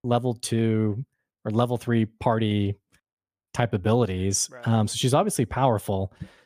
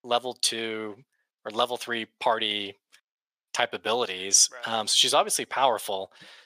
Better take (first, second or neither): first